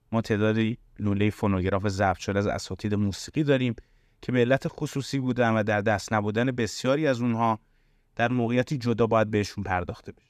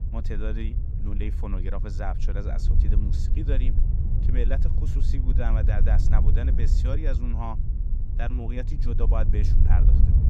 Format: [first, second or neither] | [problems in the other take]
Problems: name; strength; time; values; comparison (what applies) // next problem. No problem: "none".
first | low rumble; loud; throughout; 5 dB below the speech